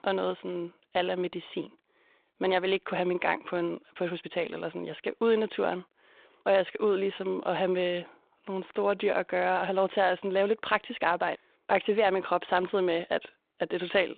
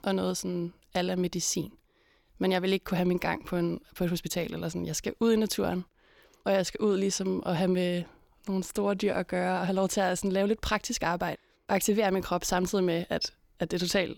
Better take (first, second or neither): second